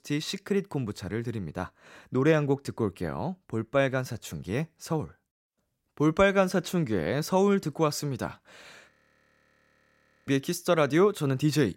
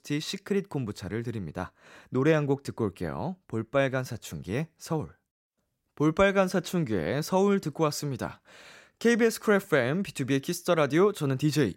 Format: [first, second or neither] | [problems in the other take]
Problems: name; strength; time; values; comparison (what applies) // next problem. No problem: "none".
second | audio freezing; at 9 s for 1.5 s